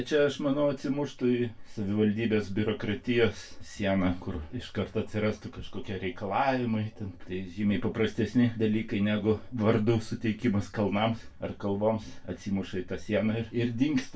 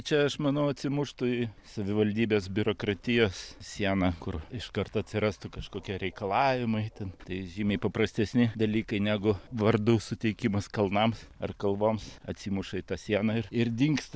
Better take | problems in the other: second | room echo; dies away in 0.2 s

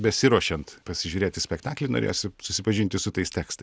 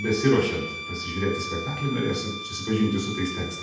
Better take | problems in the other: first | background sound (Bowed string instrument); 9 dB below the speech // room echo; dies away in 0.8 s

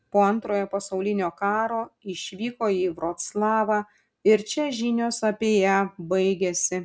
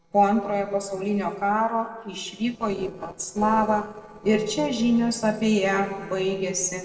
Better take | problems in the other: first | noise reduction (neural separator model SepFormer DNS4)

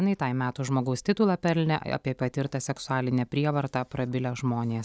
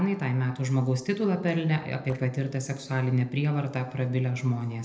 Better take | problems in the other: first | noise reduction (neural separator model SepFormer DNS4)

